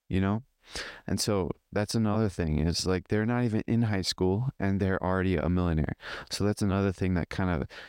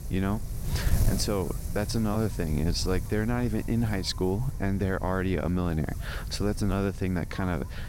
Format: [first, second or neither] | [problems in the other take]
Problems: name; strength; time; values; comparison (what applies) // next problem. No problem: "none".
first | wind noise on the microphone; occasional gusts; 15 dB below the speech